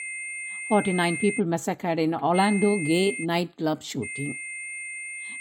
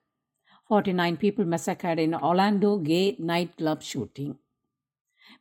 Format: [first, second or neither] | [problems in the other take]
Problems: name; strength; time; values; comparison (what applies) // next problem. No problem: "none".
second | high-pitched whine; loud; until 1.5 s, at 2.5 s and from 4 s on; 2 kHz, 7 dB below the speech